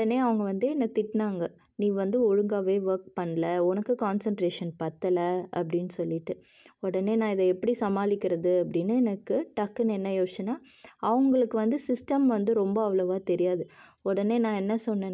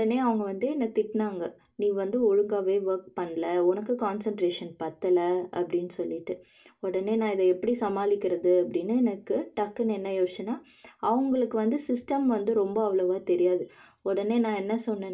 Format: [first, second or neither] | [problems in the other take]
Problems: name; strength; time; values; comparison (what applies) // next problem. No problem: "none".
first | room echo; dies away in 0.2 s